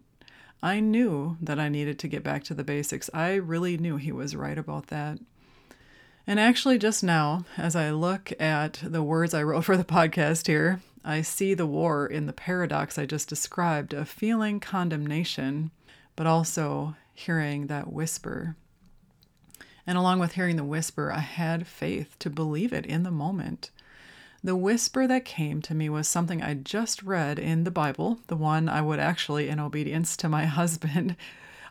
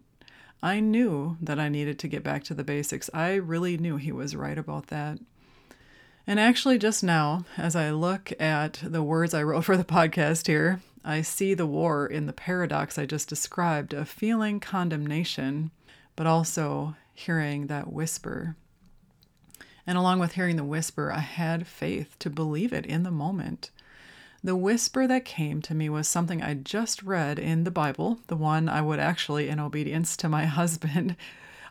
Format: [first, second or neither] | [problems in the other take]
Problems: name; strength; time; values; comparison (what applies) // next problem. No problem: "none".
neither | none